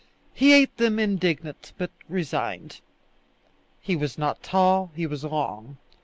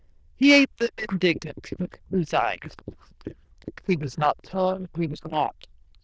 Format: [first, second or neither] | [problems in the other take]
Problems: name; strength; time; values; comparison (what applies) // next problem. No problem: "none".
first | noise reduction (neural diffusion model UNIVERSE++)